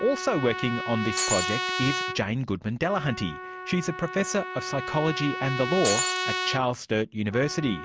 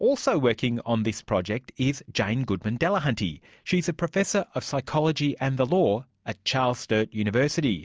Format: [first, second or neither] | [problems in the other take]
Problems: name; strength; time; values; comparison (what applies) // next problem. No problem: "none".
second | background sound (Trumpet + Shatter); 4 dB below the speech